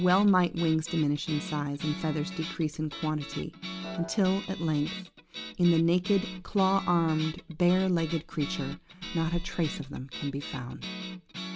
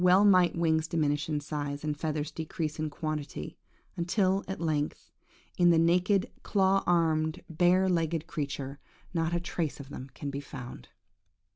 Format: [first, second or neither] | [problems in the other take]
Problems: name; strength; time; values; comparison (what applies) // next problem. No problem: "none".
second | background sound (Piano + Guitar); 12 dB below the speech